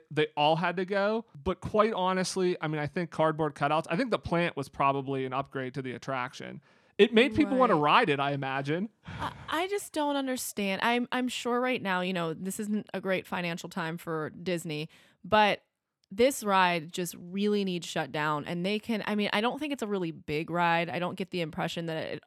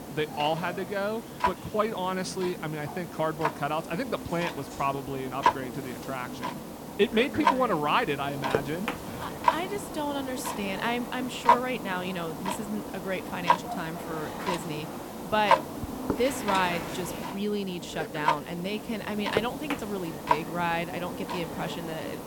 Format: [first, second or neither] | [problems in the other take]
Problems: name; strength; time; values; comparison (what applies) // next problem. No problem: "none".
first | household noises; loud; throughout; 1 dB below the speech